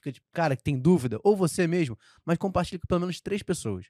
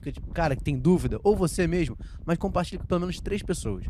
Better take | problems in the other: first | wind noise on the microphone; occasional gusts; 25 dB below the speech

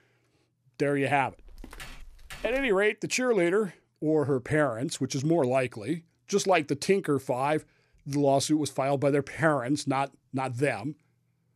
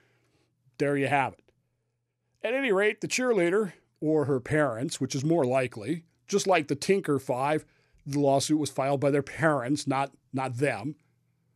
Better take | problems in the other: second | footsteps; faint; from 1.5 to 2.5 s; peak 15 dB below the speech

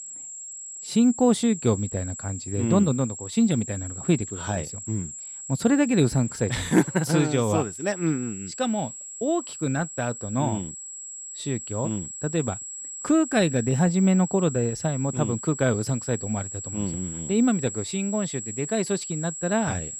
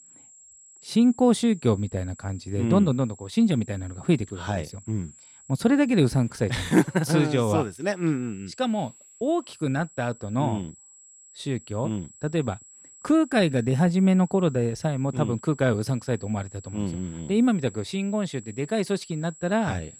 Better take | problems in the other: second | high-pitched whine; loud; throughout; 7.5 kHz, 9 dB below the speech; faint in the second

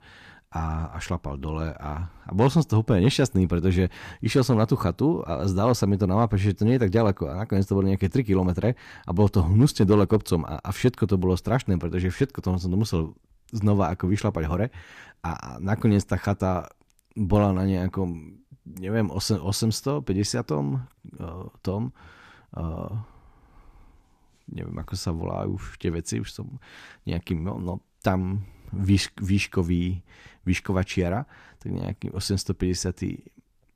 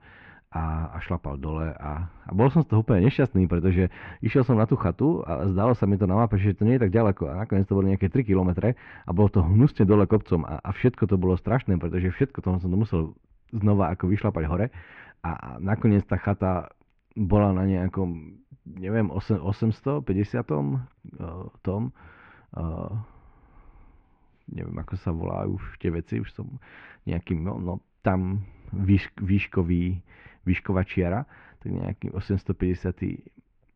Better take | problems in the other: first | muffled; very; fading above 2.5 kHz

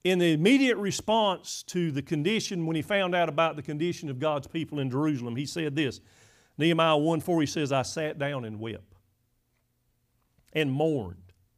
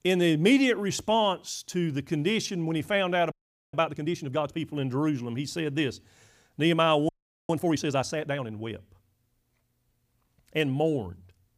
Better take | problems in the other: first | audio freezing; at 3.5 s and at 7 s

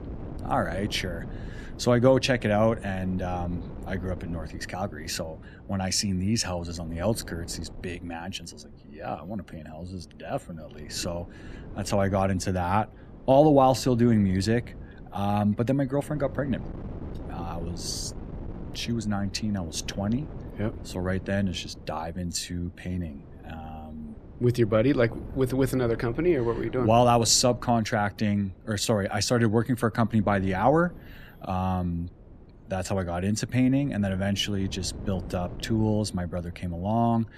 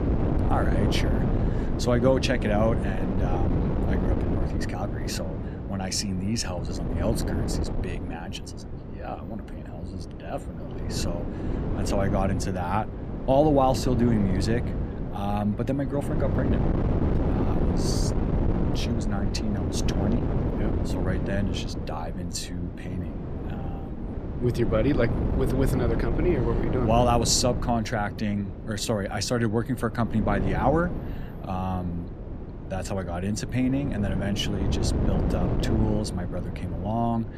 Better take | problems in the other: first | wind noise on the microphone; heavy; 6 dB below the speech; occasional gusts in the first

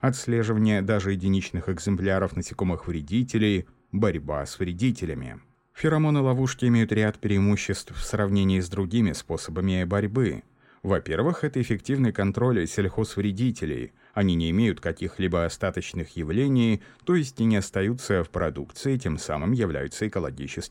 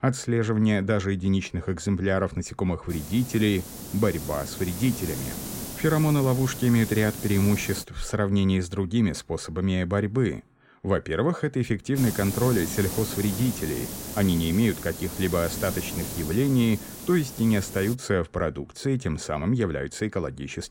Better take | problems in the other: first | hiss; loud; from 3 to 8 s and from 12 to 18 s; 8 dB below the speech

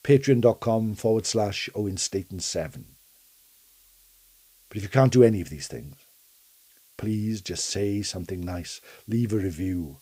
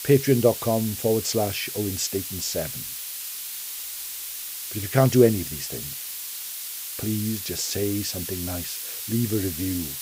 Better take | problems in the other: first | hiss; loud; throughout; 6 dB below the speech; faint in the first

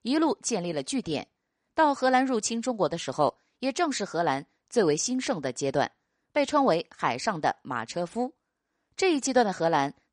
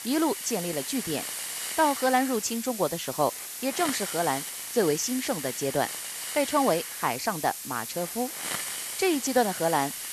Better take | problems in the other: first | hiss; loud; throughout; 5 dB below the speech

